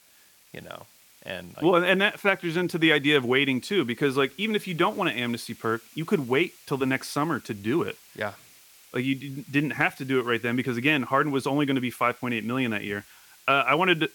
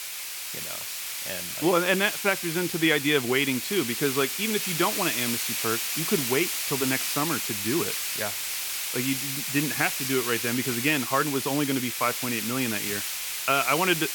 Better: first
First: hiss; faint; throughout; 25 dB below the speech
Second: hiss; loud; throughout; 1 dB below the speech

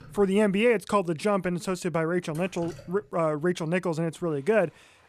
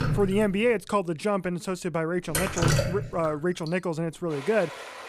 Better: first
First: rain or running water; faint; throughout; 25 dB below the speech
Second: rain or running water; loud; throughout; 2 dB below the speech

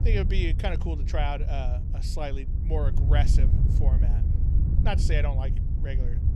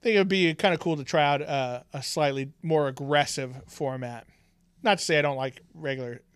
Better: second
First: wind noise on the microphone; heavy; 7 dB below the speech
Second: none

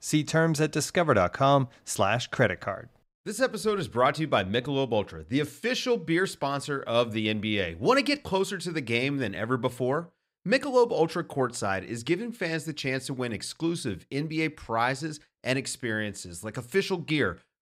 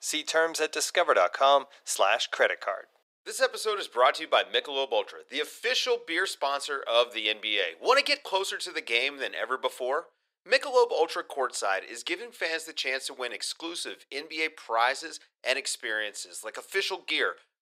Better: first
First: none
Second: thin; very; fading below 450 Hz

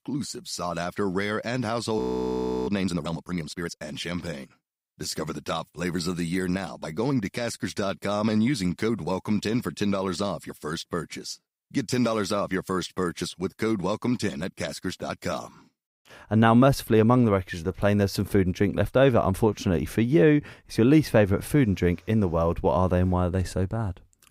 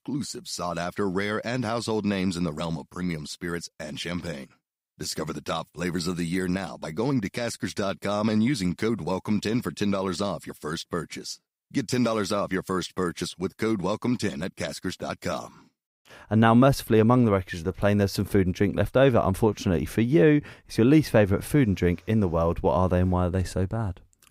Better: second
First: audio freezing; at 2 s for 0.5 s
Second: none

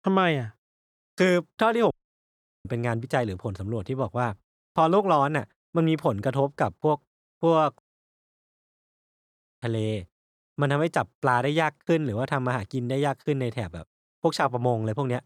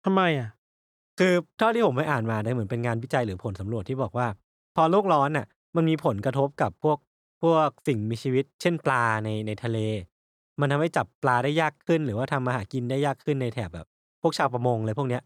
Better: second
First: audio cutting out; at 2 s for 0.5 s and at 8 s for 2 s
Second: none

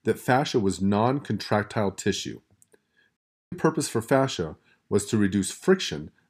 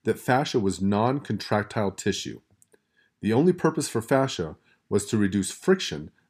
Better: second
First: audio cutting out; at 3 s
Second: none

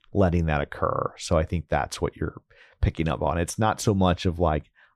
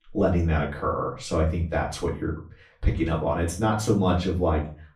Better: first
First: none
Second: off-mic speech; far // room echo; slight; dies away in 0.3 s

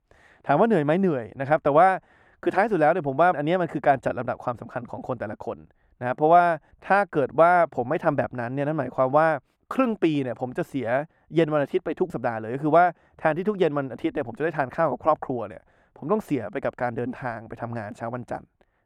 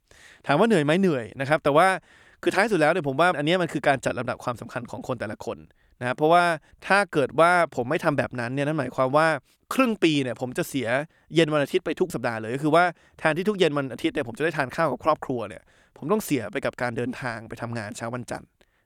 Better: second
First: muffled; very; fading above 2.5 kHz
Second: none

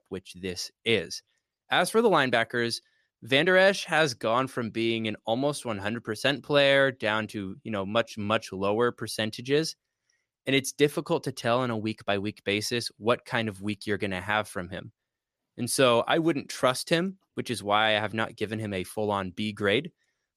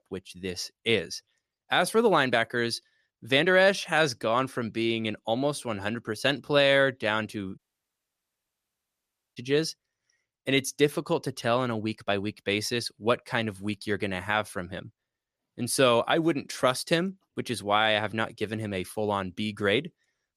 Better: first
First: none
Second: audio cutting out; at 7.5 s for 2 s

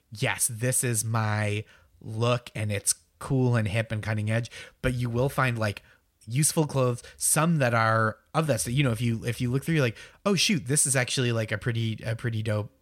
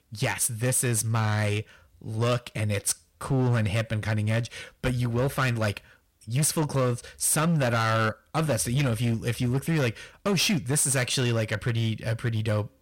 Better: first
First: none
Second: distortion; slight; 12% of the sound clipped

